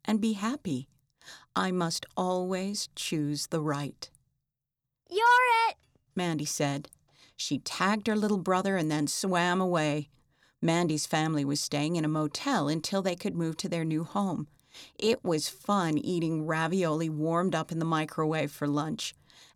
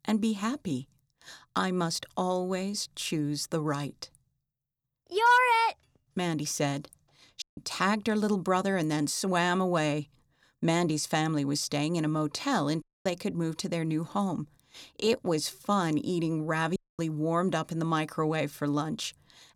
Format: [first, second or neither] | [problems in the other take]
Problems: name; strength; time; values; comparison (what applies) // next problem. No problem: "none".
first | audio cutting out; at 7.5 s, at 13 s and at 17 s